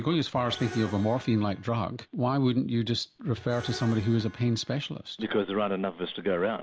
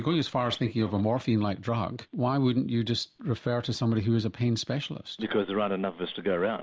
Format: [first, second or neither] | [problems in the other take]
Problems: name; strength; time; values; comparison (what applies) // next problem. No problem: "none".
second | background sound (Screech); 19 dB below the speech